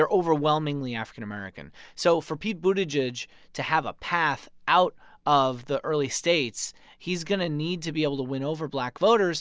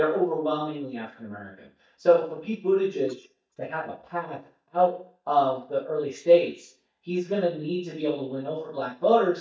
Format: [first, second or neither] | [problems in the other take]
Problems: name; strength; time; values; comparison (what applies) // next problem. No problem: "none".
first | noise reduction (neural mask model DeepFilterNet 3)